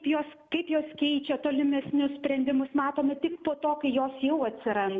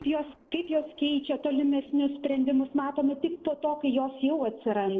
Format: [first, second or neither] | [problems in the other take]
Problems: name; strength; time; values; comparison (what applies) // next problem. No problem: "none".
first | noise reduction (neural separator model SepFormer DNS4)